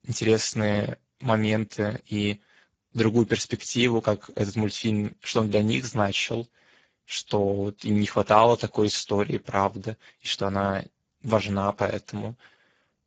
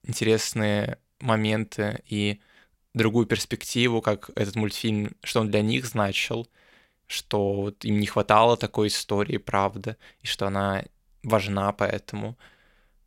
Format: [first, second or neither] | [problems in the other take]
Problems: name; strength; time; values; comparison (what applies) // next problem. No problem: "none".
second | garbled, watery; badly; nothing above 7.5 kHz